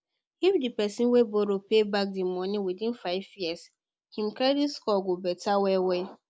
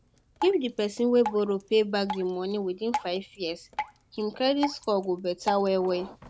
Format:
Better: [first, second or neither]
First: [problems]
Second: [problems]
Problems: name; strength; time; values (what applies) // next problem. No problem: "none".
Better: first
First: none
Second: background sound (Drip); 11 dB below the speech